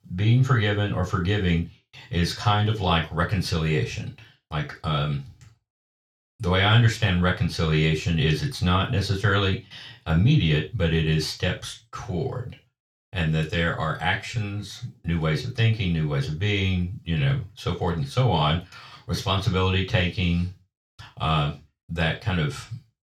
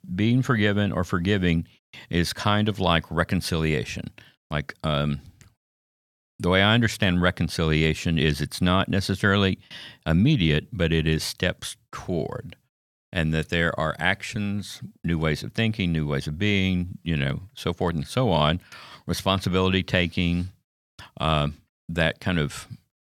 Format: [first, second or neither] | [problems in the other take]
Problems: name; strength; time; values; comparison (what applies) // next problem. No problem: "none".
second | room echo; slight; dies away in 0.3 s // off-mic speech; far